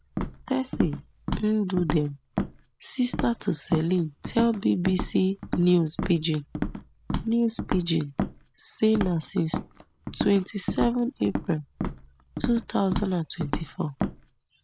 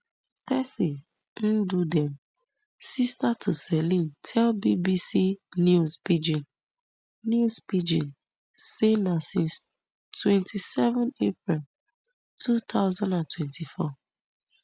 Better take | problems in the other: second | background sound (Walk, footsteps); 6 dB below the speech

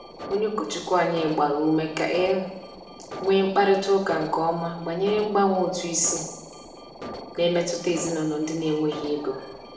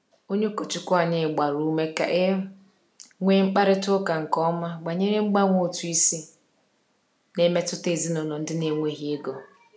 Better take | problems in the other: second | background sound (Alarm); 14 dB below the speech // room echo; dies away in 0.9 s

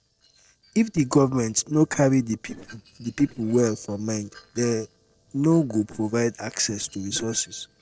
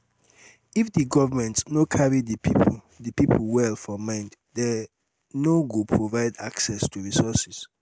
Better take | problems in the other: second | noise reduction (neural separator model SepFormer DNS4)

